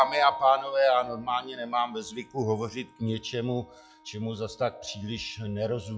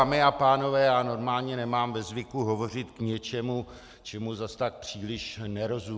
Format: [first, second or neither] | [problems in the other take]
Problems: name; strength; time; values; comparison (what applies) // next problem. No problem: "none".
second | noise reduction (classical method log-MMSE)